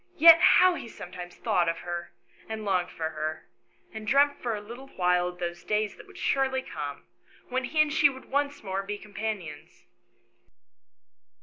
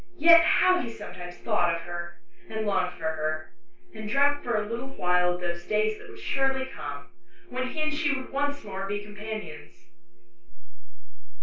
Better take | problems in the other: first | room echo; dies away in 0.2 s

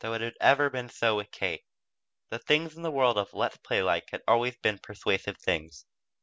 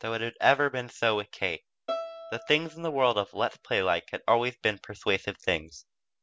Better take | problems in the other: first | background sound (Bowed string instrument); 13 dB below the speech

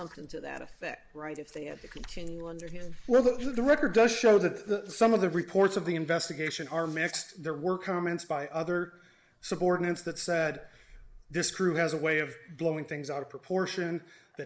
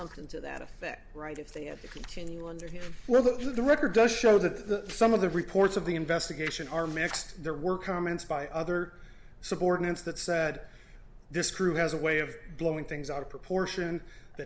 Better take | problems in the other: second | noise reduction (neural mask model Resemble Enhance denoiser)

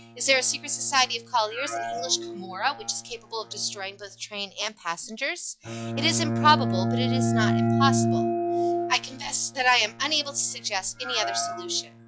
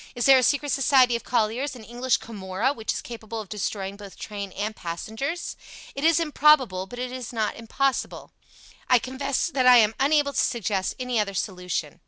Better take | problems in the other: second | noise reduction (classical method log-MMSE)

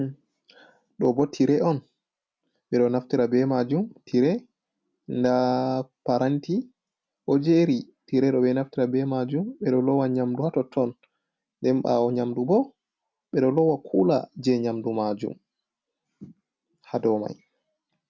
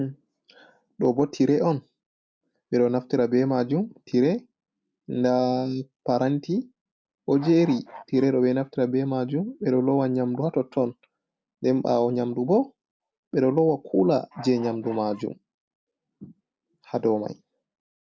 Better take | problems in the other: first | noise reduction (neural mask model Resemble Enhance denoiser)

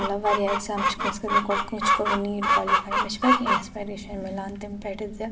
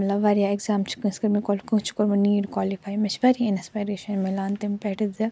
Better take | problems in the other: second | background sound (Chicken, rooster); 3 dB above the speech // room echo; dies away in 1.4 s

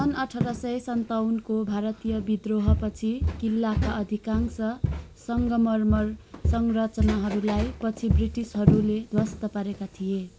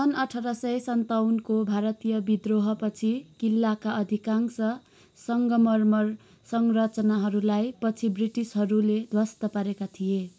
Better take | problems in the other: second | background sound (Walk, footsteps); 3 dB below the speech

